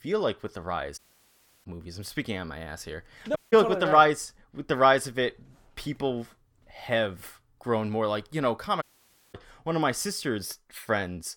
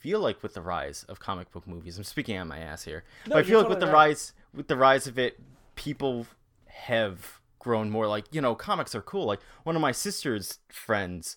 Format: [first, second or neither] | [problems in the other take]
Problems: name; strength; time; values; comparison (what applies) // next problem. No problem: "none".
second | audio cutting out; at 1 s for 0.5 s, at 3.5 s and at 9 s for 0.5 s